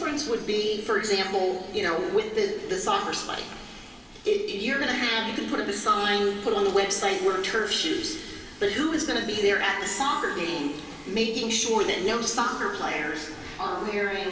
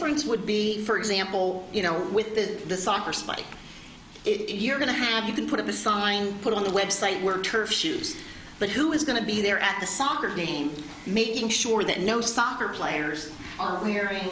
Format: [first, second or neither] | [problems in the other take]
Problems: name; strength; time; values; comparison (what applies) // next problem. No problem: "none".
second | room echo; dies away in 2.5 s